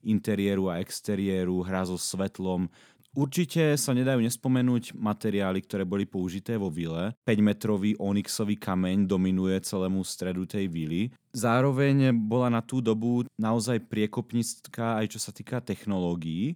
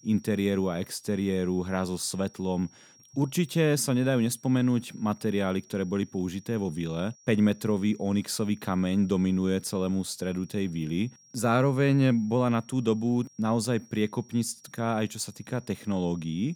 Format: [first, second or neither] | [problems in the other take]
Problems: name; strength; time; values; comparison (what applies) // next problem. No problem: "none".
first | high-pitched whine; faint; throughout; 5.5 kHz, 25 dB below the speech